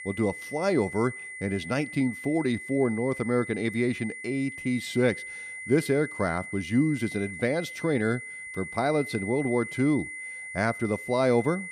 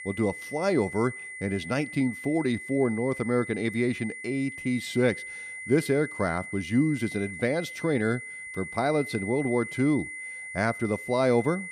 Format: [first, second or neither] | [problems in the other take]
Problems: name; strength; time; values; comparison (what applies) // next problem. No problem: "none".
neither | high-pitched whine; loud; throughout; 2 kHz, 10 dB below the speech; the same in both